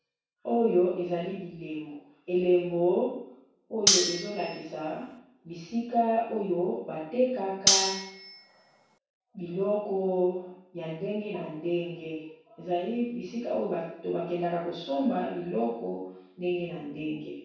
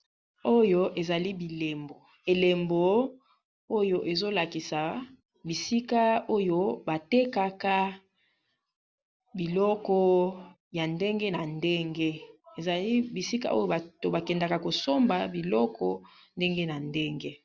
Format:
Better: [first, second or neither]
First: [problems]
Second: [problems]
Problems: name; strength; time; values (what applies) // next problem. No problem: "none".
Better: second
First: background sound (Cutlery, silverware); 2 dB above the speech // room echo; dies away in 0.7 s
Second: none